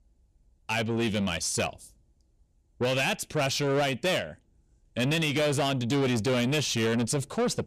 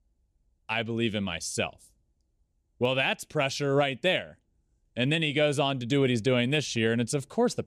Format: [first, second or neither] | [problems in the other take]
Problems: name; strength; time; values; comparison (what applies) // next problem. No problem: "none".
second | distortion; heavy; 8 dB below the speech